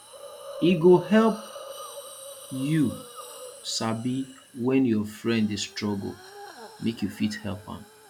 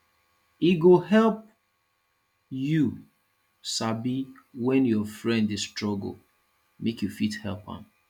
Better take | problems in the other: second | background sound (Hiss); 16 dB below the speech

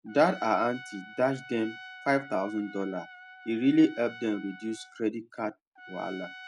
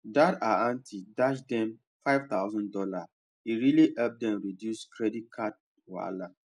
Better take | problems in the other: second | background sound (Trumpet); 17 dB below the speech

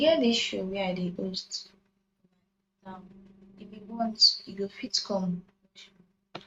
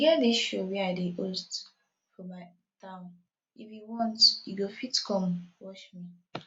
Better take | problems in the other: second | noise reduction (neural mask model RNNoise)

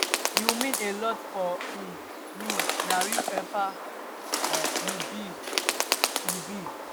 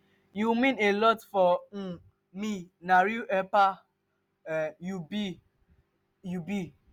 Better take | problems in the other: second | background sound (Bird); 4 dB above the speech

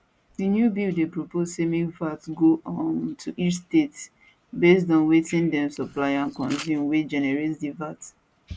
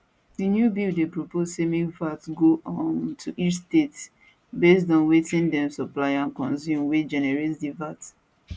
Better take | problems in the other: second | background sound (Camera); 18 dB below the speech

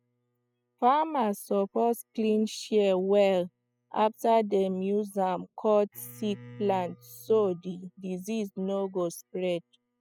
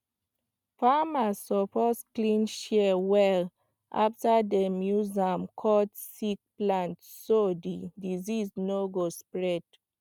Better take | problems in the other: second | noise reduction (classical method spectral subtraction)

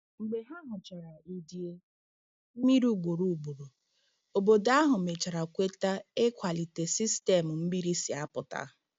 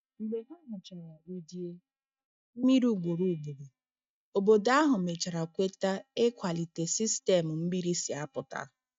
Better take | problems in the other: first | noise reduction (neural mask model DeepFilterNet 3)

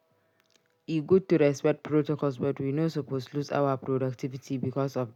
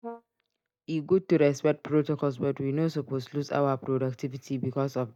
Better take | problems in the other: first | noise reduction (neural mask model DeepFilterNet 3)

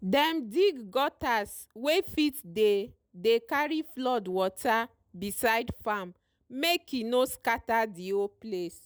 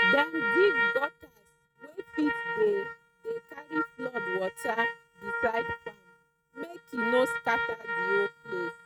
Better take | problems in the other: first | noise reduction (neural mask model RNNoise)

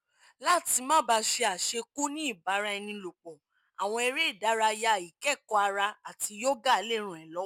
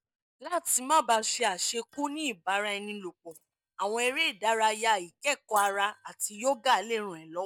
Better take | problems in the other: first | noise reduction (neural mask model DeepFilterNet 3)

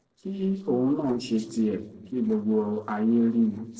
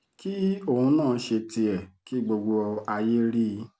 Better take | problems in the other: second | noise reduction (neural separator model SepFormer DNS4)

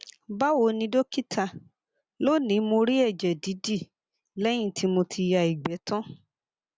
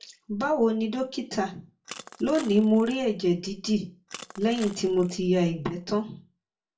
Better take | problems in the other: first | background sound (Crushing); 20 dB below the speech // room echo; dies away in 0.2 s

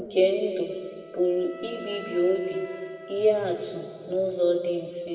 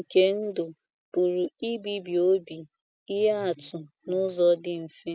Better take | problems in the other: second | background sound (Wind instrument, woodwind instrument); 19 dB below the speech // room echo; dies away in 2.2 s

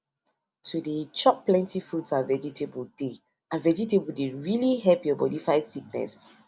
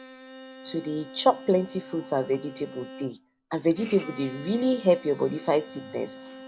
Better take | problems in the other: first | background sound (Bowed string instrument); 16 dB below the speech

